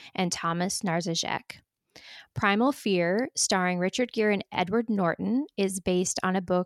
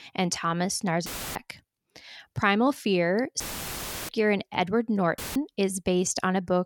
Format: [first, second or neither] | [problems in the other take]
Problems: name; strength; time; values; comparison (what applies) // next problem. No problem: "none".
first | audio cutting out; filled with static; at 1 s, at 3.5 s for 0.5 s and at 5 s